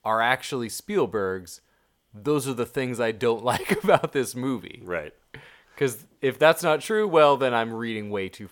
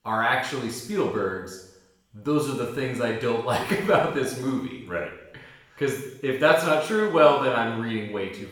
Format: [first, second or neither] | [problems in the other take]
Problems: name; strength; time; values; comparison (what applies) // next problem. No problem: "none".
first | room echo; noticeable; dies away in 0.8 s // off-mic speech; far